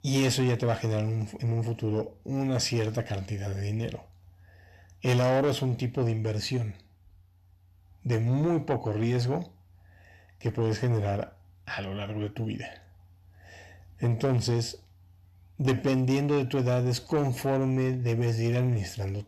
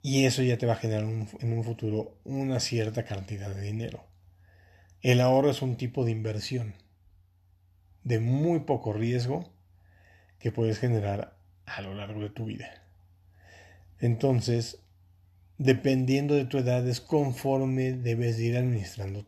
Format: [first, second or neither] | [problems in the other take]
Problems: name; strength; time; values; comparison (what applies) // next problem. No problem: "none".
second | distortion; slight; 10 dB below the speech